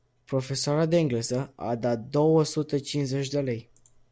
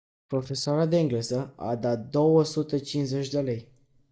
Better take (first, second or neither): first